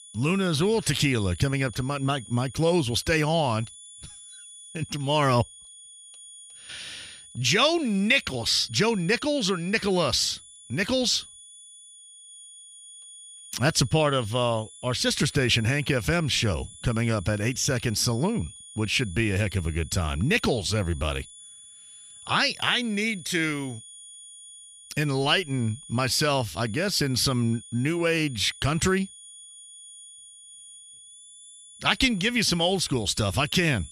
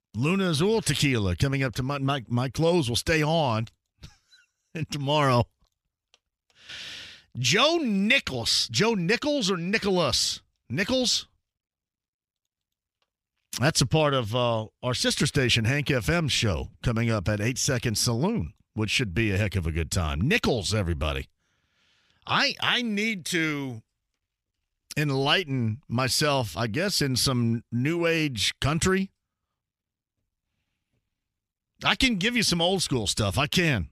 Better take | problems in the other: second | high-pitched whine; noticeable; throughout; 9.5 kHz, 20 dB below the speech

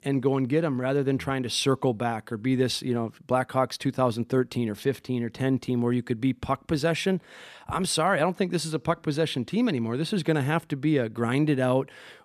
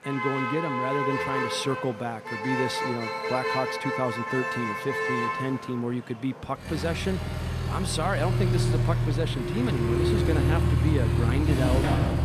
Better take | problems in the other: first | traffic noise; very loud; throughout; 3 dB above the speech

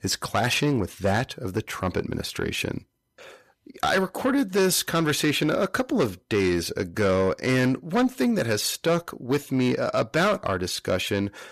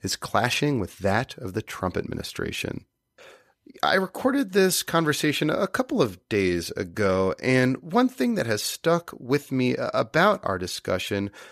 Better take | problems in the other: second | distortion; slight; 10 dB below the speech

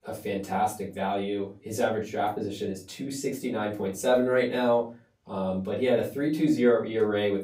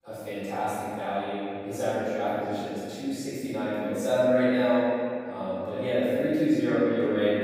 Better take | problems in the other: first | room echo; strong; dies away in 2.4 s; slight in the first // off-mic speech; far; far in the first

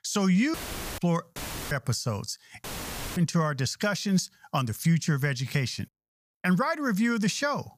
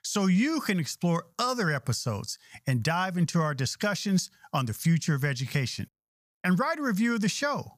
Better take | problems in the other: second | audio cutting out; filled with static; at 0.5 s, at 1.5 s and at 2.5 s for 0.5 s

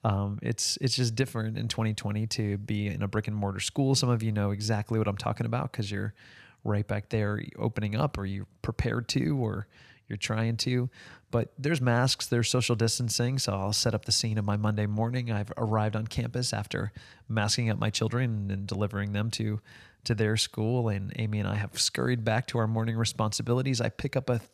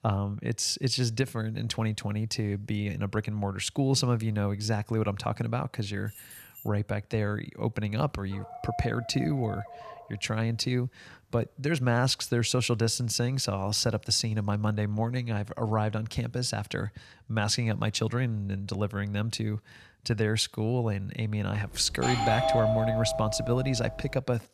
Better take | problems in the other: first | jangling keys; faint; at 6 s; peak 15 dB below the speech // dog barking; noticeable; from 8.5 to 10 s; peak 9 dB below the speech // doorbell; loud; from 22 s on; peak 3 dB above the speech

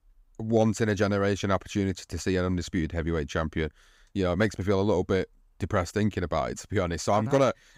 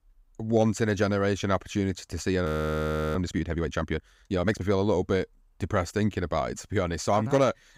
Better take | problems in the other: first | audio freezing; at 2.5 s for 0.5 s

